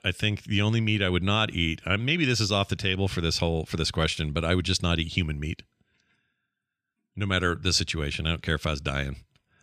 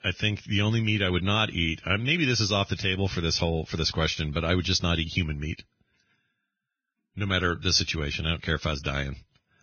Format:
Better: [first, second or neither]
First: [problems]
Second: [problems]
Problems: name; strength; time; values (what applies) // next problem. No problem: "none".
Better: first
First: none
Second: garbled, watery; badly; nothing above 6.5 kHz